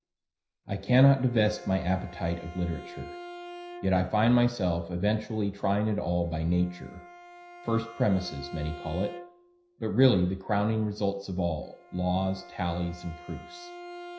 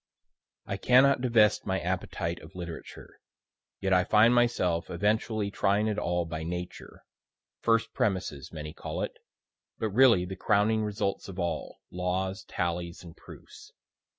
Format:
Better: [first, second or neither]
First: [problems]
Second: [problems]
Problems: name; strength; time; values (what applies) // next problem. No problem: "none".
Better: second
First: background sound (Bowed string instrument); 18 dB below the speech // room echo; dies away in 0.5 s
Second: none